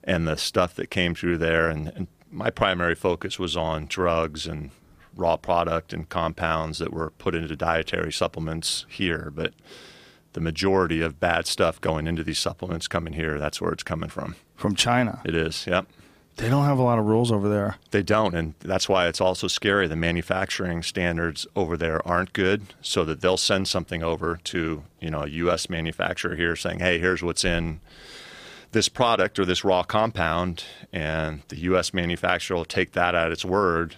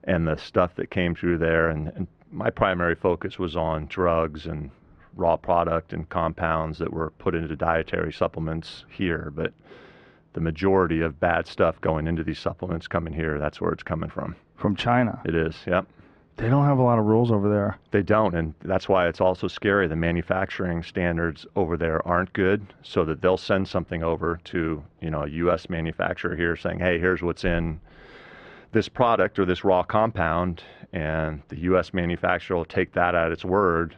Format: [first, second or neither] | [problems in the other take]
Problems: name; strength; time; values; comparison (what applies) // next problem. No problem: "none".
first | muffled; very; fading above 2 kHz